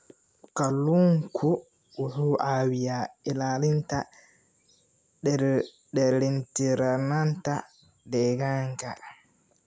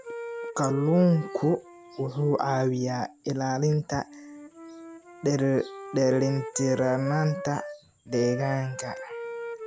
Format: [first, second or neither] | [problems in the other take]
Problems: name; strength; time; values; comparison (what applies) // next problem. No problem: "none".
first | background sound (Wind instrument, woodwind instrument); 12 dB below the speech